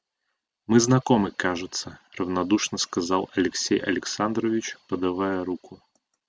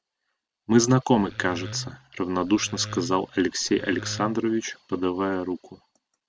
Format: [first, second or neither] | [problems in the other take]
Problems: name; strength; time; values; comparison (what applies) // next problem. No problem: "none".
first | background sound (Wood); 14 dB below the speech